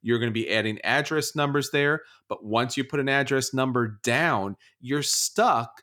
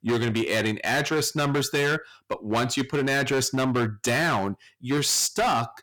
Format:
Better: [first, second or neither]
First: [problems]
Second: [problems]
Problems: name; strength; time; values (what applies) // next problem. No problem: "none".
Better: first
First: none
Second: distortion; heavy; 18% of the sound clipped